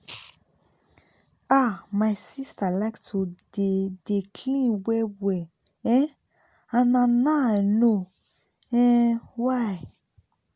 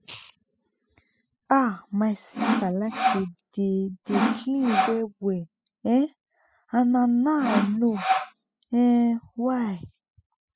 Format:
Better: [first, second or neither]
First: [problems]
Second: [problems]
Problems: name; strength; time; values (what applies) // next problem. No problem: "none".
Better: first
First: none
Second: noise reduction (classical method spectral subtraction)